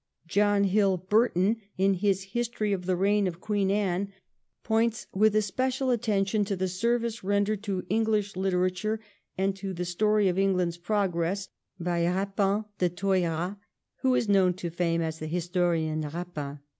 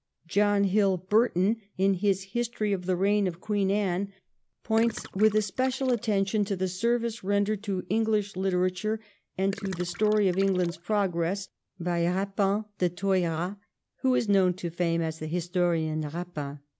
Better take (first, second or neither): first